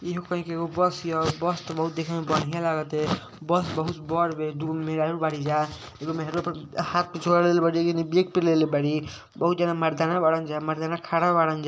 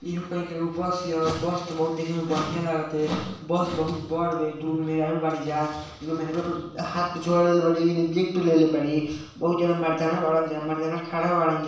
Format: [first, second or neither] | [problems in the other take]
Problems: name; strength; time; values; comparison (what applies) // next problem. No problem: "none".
first | room echo; dies away in 0.6 s